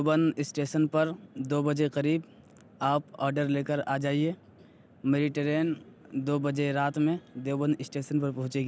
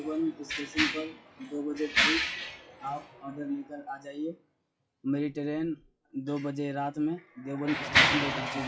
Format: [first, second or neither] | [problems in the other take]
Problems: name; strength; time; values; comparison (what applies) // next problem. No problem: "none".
first | noise reduction (classical method WPE with log-MMSE)